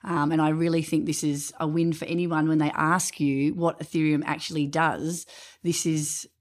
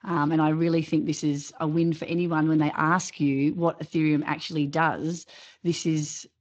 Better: first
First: none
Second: garbled, watery; slightly

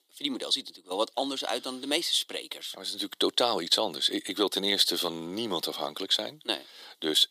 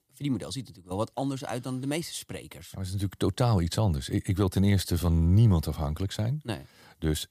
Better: second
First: thin; very; fading below 300 Hz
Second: none

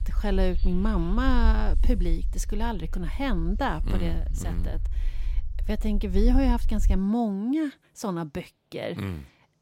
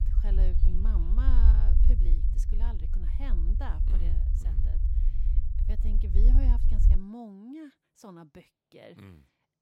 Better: first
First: low rumble; faint; until 7 s; 20 dB below the speech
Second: low rumble; loud; until 7 s; 2 dB below the speech

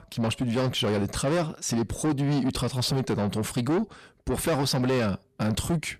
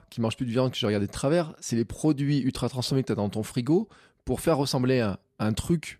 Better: second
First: distortion; heavy; 8 dB below the speech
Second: none

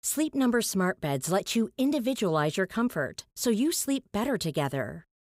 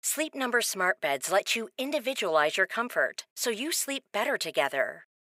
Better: first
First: none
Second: thin; very; fading below 500 Hz

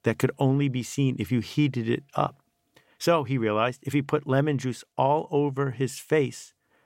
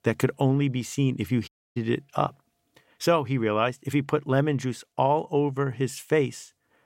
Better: first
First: none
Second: audio cutting out; at 1.5 s

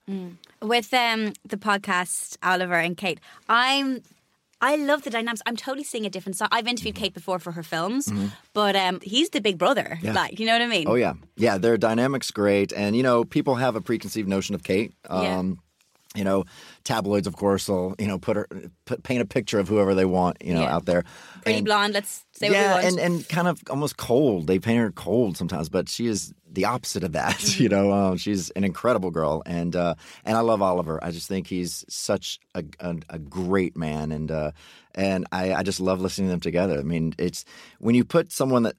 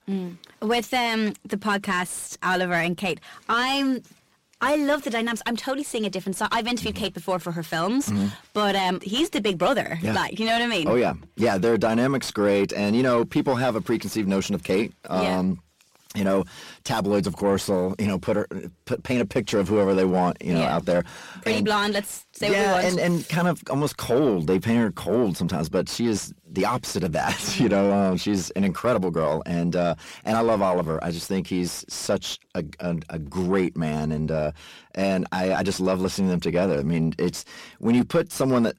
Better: first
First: none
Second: distortion; slight; 10 dB below the speech

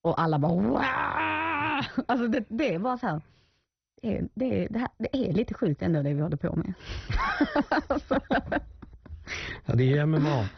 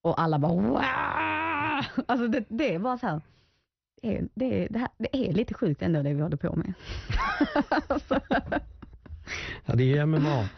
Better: second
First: garbled, watery; badly; nothing above 6 kHz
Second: garbled, watery; slightly; nothing above 6 kHz

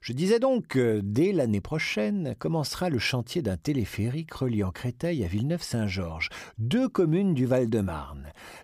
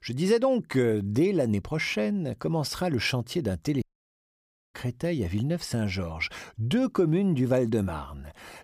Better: first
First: none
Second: audio cutting out; at 4 s for 1 s

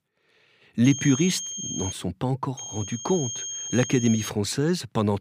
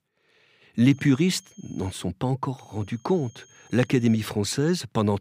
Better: second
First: high-pitched whine; loud; from 1 to 2 s and from 2.5 to 4.5 s; 6.5 kHz, 6 dB below the speech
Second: high-pitched whine; faint; from 1 to 2 s and from 2.5 to 4.5 s; 6.5 kHz, 30 dB below the speech

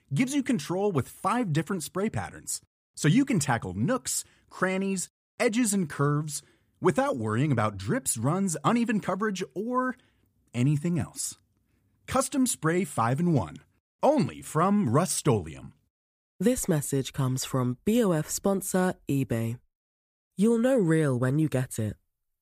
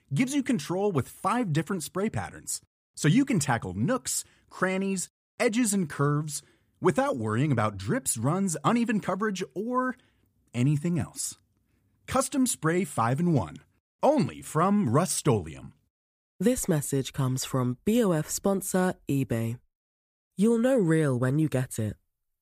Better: neither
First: none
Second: none

